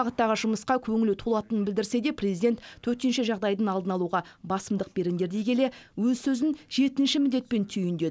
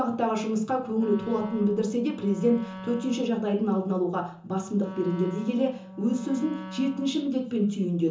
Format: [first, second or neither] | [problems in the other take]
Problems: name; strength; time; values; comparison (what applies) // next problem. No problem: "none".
first | background sound (Wind instrument, woodwind instrument); 15 dB below the speech // room echo; dies away in 0.8 s